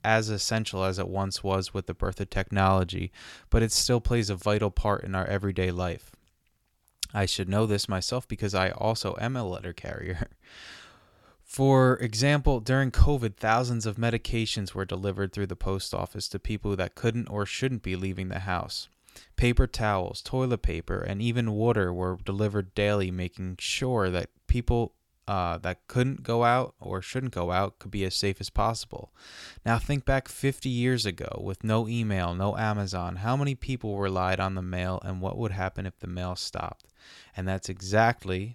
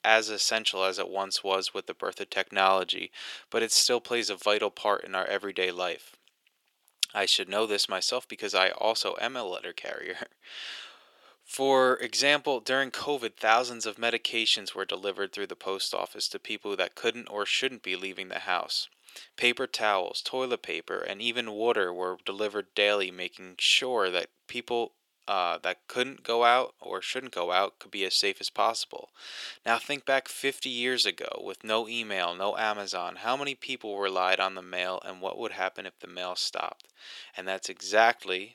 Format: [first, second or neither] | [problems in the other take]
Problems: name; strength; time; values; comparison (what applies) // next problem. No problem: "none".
first | thin; very; fading below 400 Hz